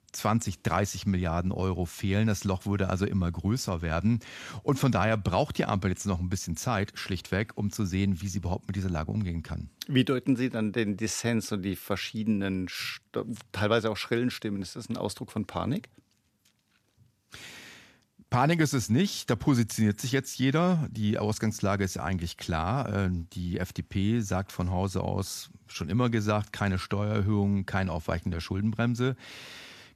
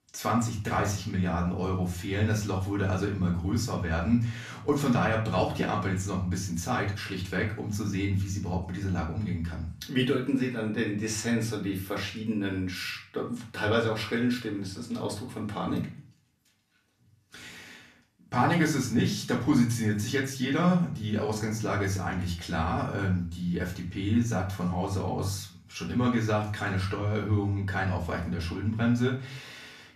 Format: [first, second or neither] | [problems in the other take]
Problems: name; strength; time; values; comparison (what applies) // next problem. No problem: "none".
first | off-mic speech; far // room echo; slight; dies away in 0.4 s